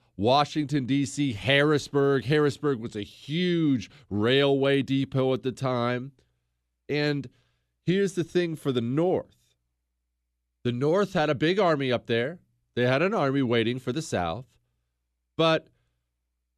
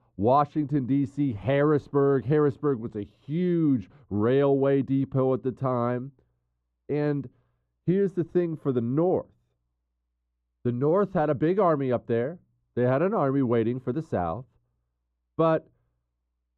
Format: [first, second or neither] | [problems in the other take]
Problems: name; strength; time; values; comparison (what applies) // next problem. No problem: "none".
first | muffled; very; fading above 2 kHz